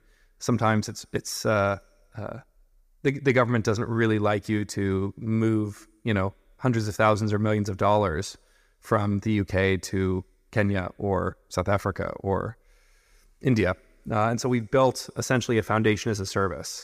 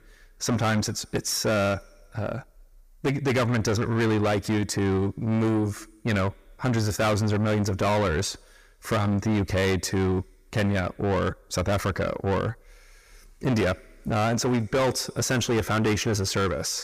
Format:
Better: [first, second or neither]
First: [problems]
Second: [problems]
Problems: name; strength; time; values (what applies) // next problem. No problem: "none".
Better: first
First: none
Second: distortion; heavy; 6 dB below the speech